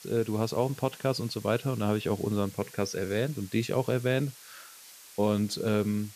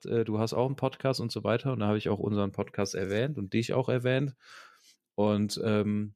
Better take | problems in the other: second | hiss; noticeable; throughout; 20 dB below the speech

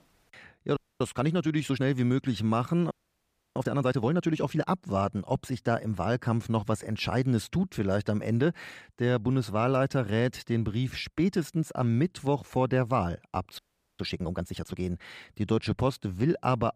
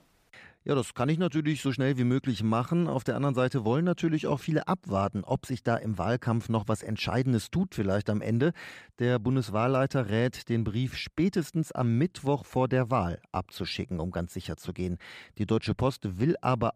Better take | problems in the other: second | audio freezing; at 1 s, at 3 s for 0.5 s and at 14 s

